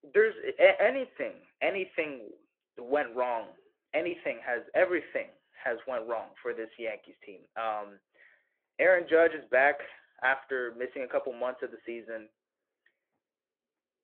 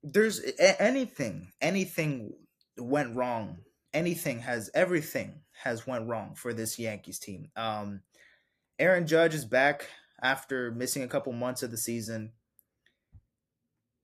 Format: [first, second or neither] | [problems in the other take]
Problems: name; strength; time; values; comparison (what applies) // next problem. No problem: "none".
second | phone-call audio